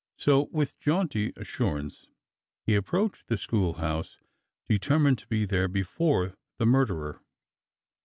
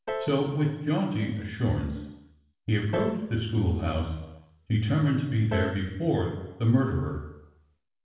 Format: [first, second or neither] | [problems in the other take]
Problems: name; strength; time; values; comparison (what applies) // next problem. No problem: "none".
first | background sound (Piano); 14 dB below the speech // room echo; dies away in 0.9 s